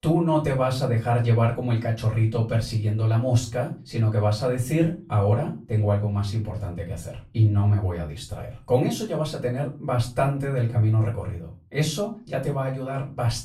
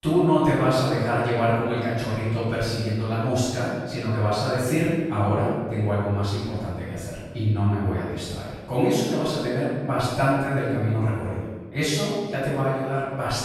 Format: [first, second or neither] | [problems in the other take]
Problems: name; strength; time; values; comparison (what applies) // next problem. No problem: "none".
first | room echo; strong; dies away in 1.3 s; slight in the first // off-mic speech; far; far in the first